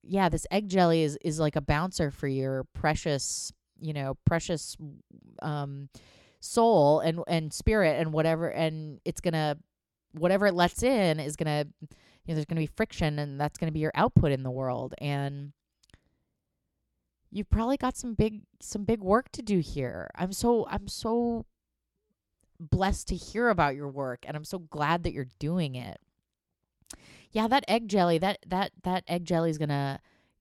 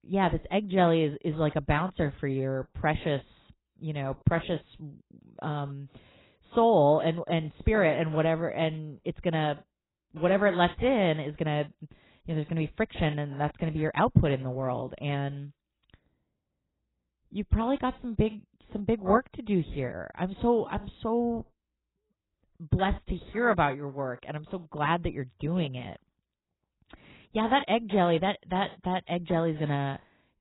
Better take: first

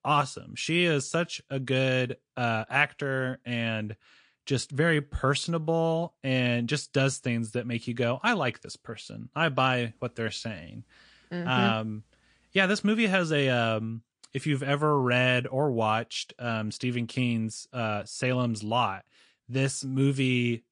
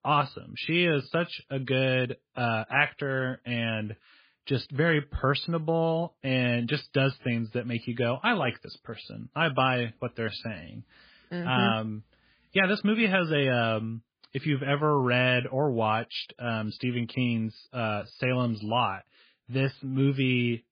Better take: first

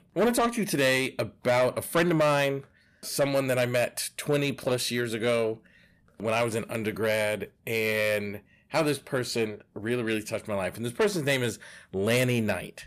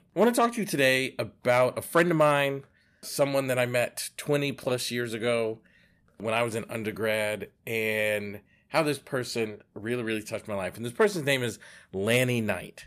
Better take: second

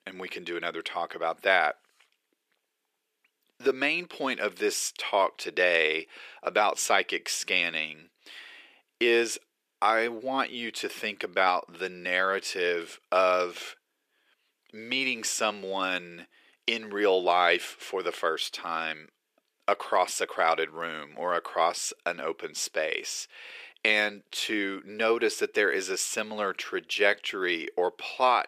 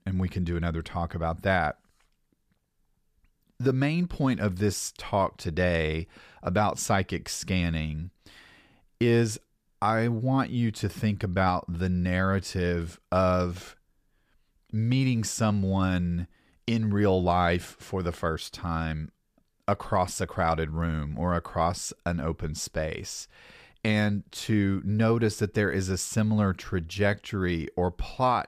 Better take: second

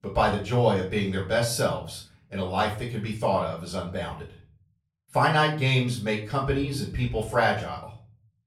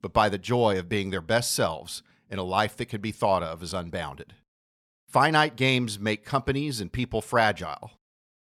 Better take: second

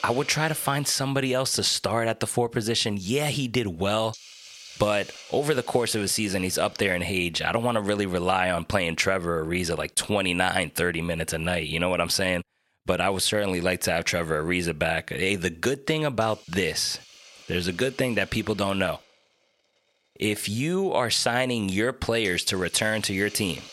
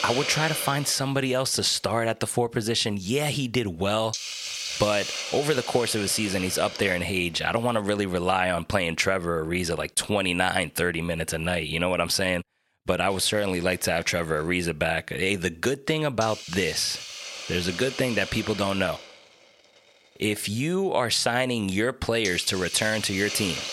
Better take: first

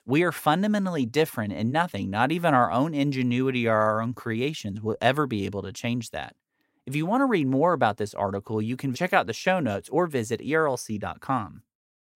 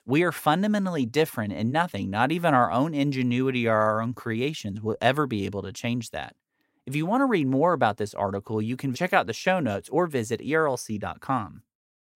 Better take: neither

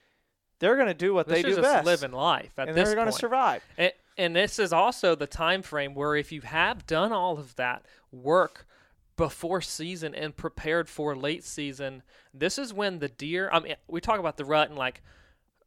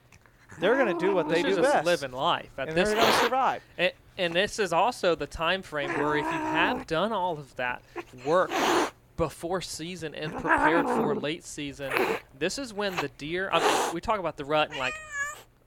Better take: first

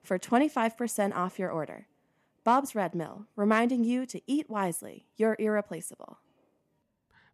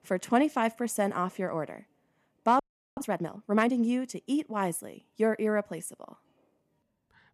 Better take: first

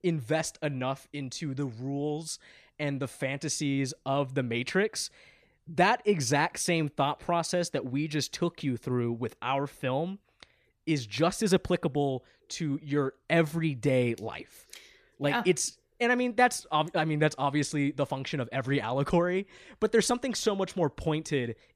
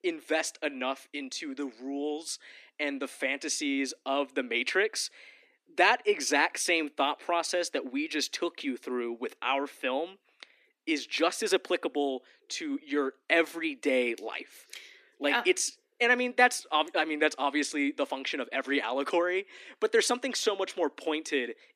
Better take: first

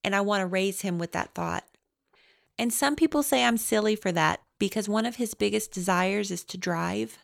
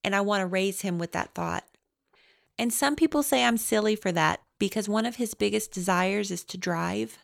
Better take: neither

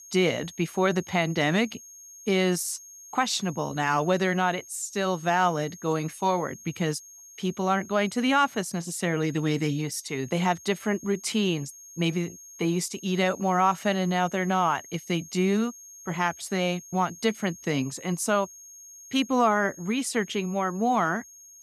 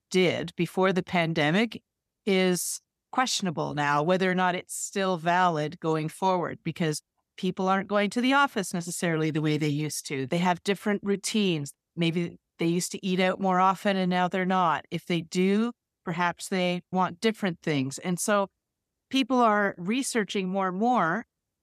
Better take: second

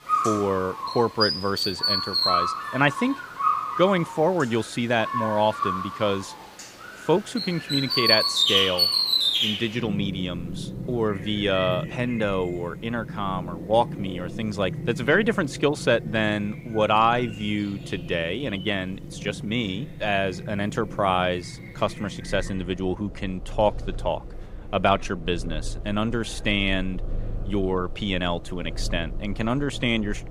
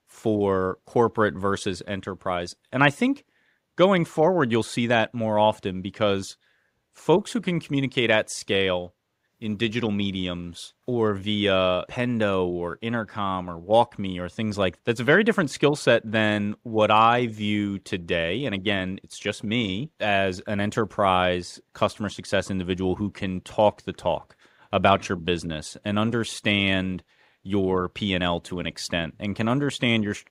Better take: second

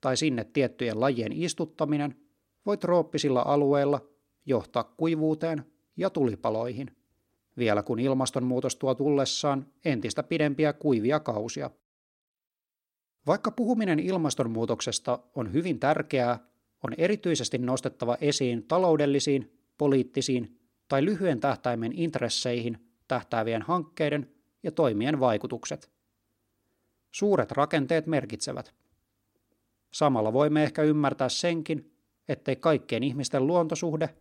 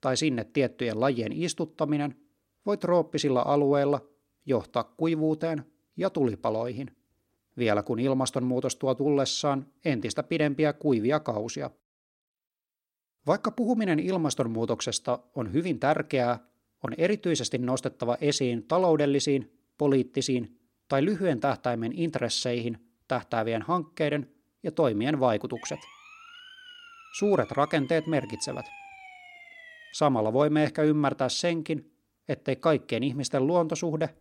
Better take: first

